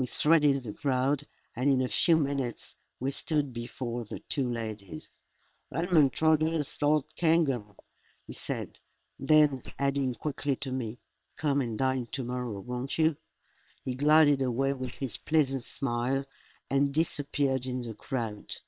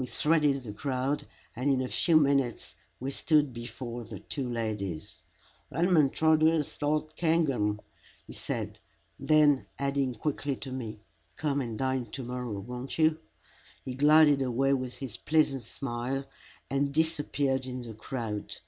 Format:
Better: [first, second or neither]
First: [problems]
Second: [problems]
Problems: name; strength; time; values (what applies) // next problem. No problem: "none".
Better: second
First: noise reduction (neural separator model SepFormer WHAM!)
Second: none